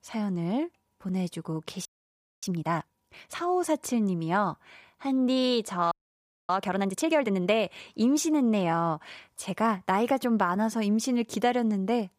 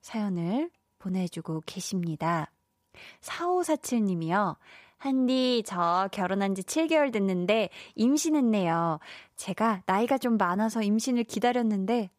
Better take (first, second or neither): second